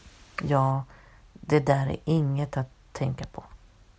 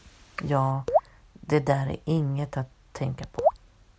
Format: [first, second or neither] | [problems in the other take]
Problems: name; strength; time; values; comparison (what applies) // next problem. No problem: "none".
first | background sound (Raindrop / Drip); 2 dB above the speech